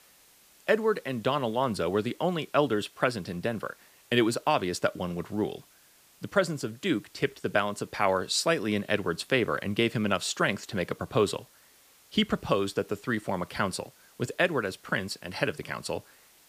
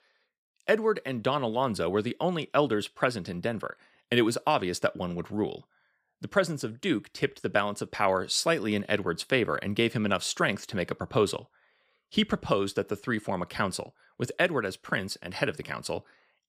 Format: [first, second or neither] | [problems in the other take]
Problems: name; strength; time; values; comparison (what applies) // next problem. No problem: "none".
second | hiss; faint; throughout; 25 dB below the speech